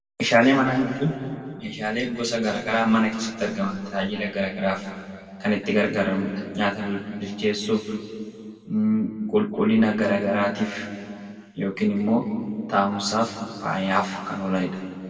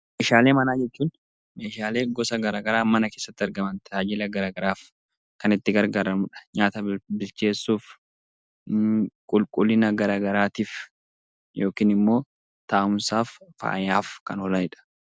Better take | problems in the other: second | room echo; dies away in 2.3 s

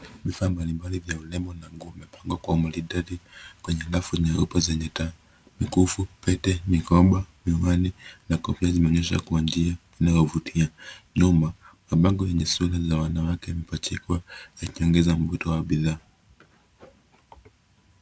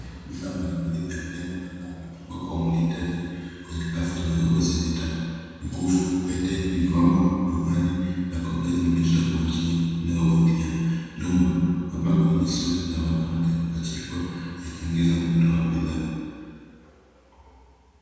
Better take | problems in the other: first | room echo; dies away in 2.1 s

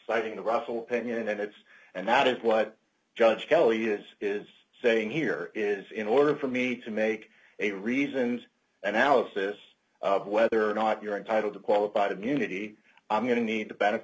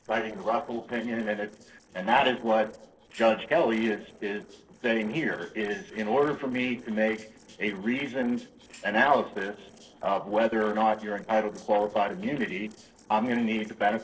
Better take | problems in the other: first | noise reduction (neural separator model SepFormer DNS4)

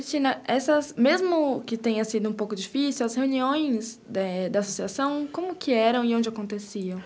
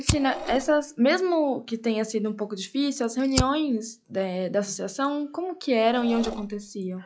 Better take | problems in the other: first | noise reduction (classical method log-MMSE)

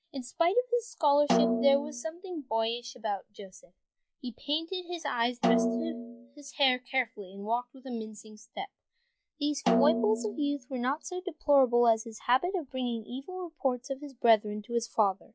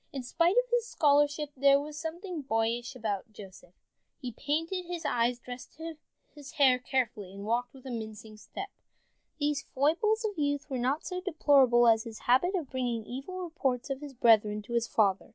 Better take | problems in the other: second | noise reduction (classical method log-MMSE)

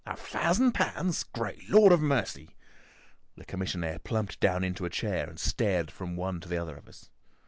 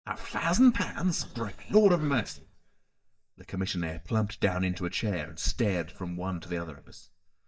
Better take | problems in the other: first | noise reduction (neural mask model DeepFilterNet 3)

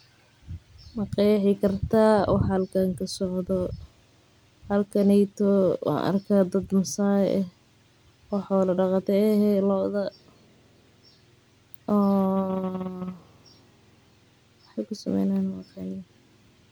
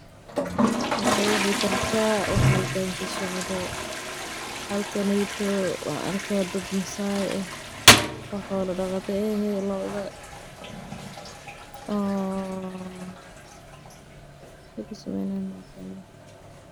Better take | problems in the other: first | background sound (Toilet flush); 2 dB above the speech

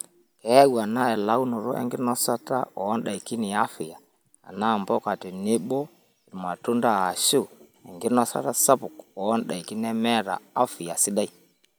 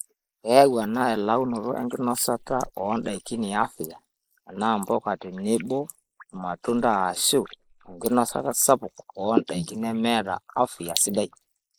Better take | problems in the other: first | noise reduction (neural mask model Resemble Enhance denoiser)

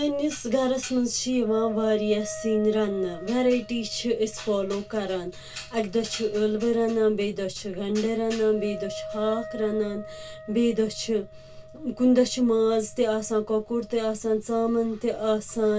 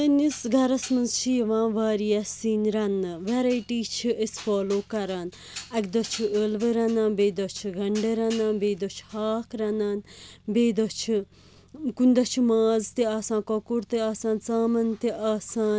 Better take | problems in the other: second | background sound (Wind instrument, woodwind instrument); 17 dB below the speech // room echo; dies away in 0.1 s

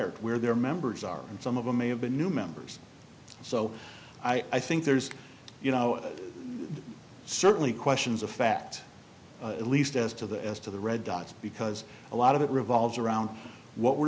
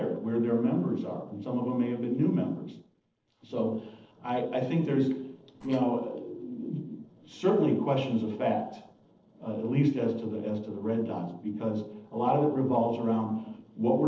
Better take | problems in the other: first | noise reduction (neural separator model SepFormer DNS4)

